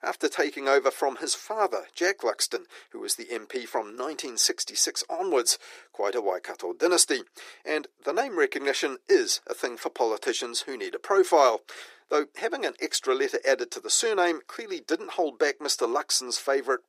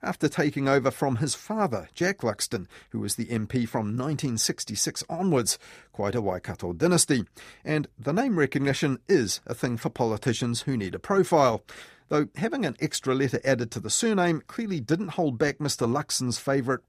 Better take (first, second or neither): second